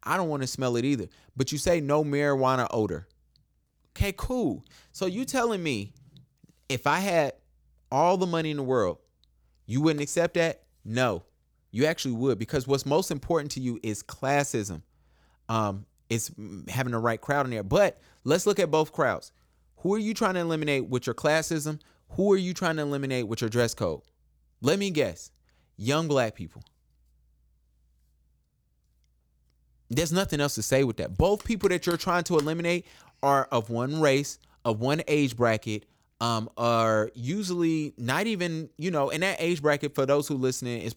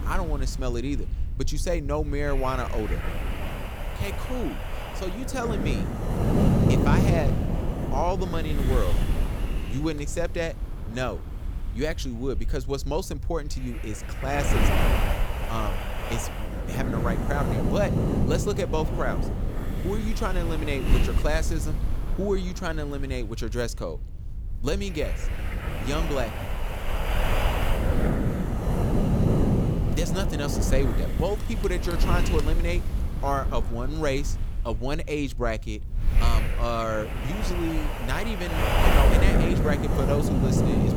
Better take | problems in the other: first | wind noise on the microphone; heavy; 1 dB below the speech

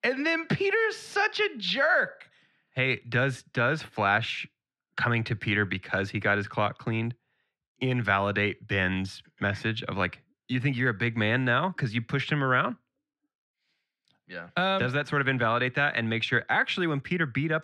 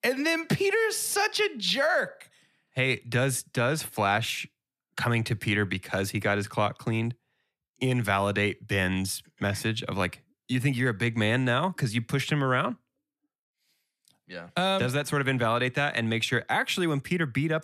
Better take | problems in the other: second | muffled; slightly; fading above 3.5 kHz

